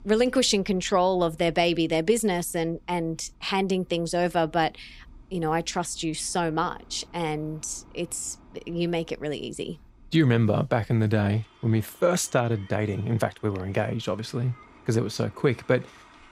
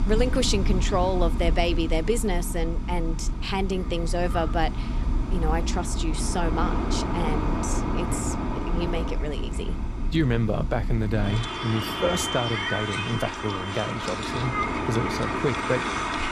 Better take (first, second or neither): first